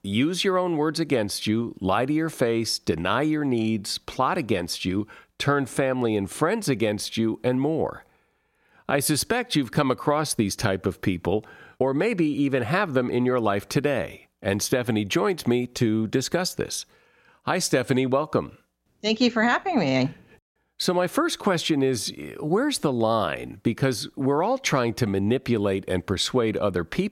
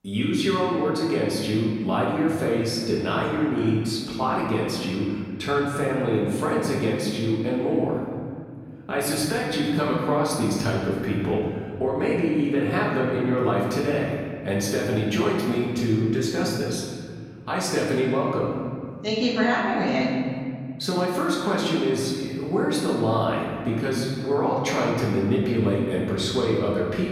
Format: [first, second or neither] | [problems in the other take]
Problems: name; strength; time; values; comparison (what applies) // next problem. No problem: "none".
first | off-mic speech; far // room echo; noticeable; dies away in 2.2 s